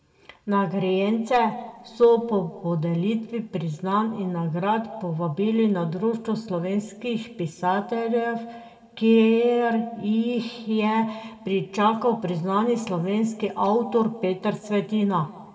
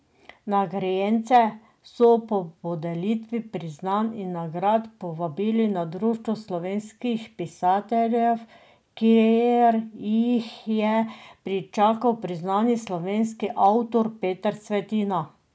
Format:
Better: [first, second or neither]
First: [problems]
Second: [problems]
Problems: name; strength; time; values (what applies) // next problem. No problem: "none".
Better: second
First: room echo; dies away in 1.4 s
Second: none